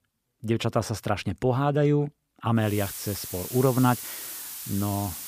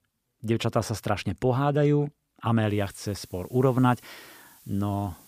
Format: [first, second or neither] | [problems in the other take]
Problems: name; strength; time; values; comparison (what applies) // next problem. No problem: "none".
second | hiss; loud; from 2.5 s on; 8 dB below the speech; faint in the second